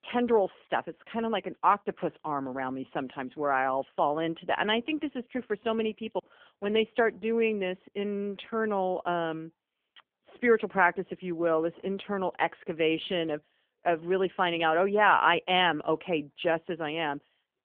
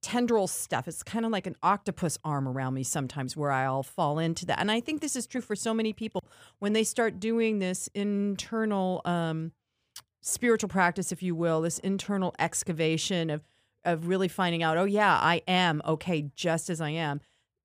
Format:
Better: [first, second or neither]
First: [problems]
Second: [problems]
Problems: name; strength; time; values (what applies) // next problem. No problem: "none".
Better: second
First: phone-call audio; poor line; nothing above 3 kHz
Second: none